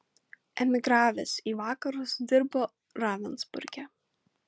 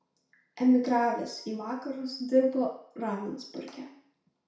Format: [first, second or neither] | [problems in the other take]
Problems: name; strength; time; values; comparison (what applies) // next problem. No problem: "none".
first | room echo; dies away in 0.6 s